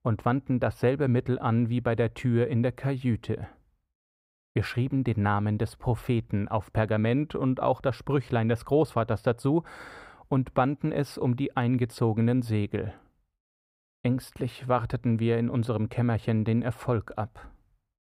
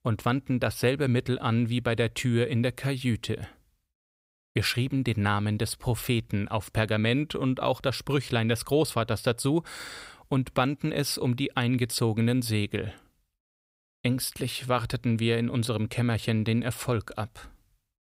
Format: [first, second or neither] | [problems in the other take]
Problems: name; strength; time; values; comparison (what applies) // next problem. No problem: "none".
second | muffled; very; fading above 2.5 kHz